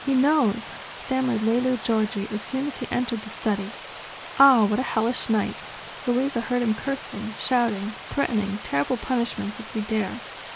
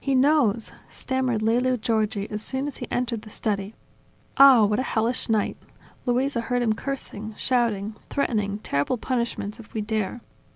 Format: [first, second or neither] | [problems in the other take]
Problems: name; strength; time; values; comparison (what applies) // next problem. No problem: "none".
second | background sound (Water); 14 dB below the speech